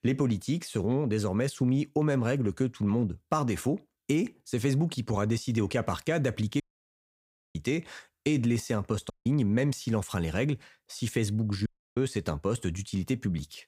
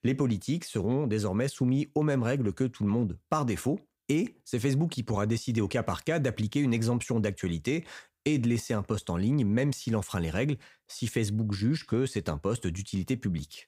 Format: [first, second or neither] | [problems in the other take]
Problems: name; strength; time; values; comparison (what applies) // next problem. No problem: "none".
second | audio cutting out; at 6.5 s for 1 s, at 9 s and at 12 s